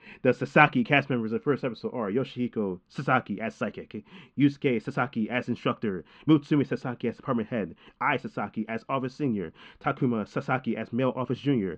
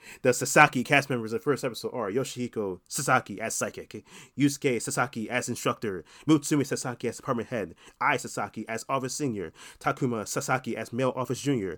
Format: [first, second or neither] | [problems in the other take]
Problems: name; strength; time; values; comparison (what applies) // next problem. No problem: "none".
second | muffled; very; fading above 3 kHz